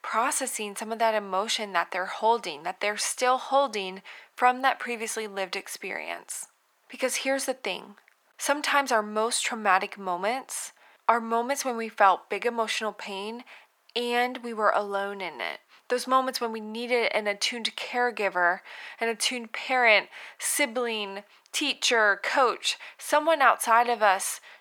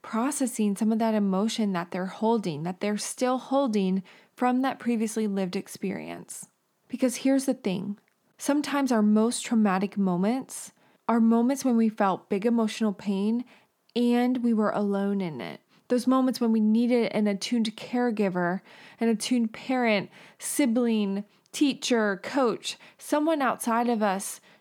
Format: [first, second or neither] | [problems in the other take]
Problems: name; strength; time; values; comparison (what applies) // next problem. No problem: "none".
second | thin; very; fading below 700 Hz